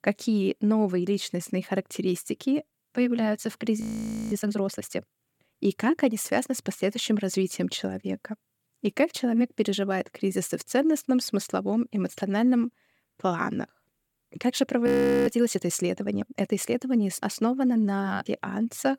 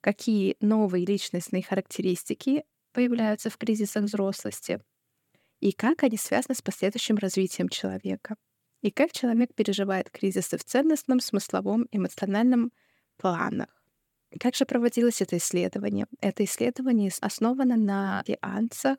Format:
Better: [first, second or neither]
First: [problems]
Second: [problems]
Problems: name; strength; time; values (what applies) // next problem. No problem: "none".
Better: second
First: audio freezing; at 4 s for 0.5 s and at 15 s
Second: none